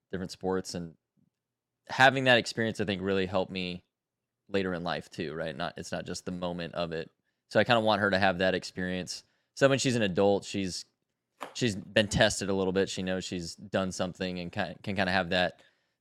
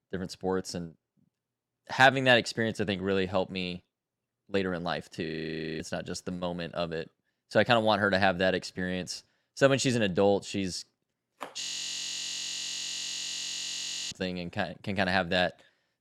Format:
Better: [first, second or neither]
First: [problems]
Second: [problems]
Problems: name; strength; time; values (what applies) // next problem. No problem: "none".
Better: first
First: none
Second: audio freezing; at 5.5 s for 0.5 s and at 12 s for 2.5 s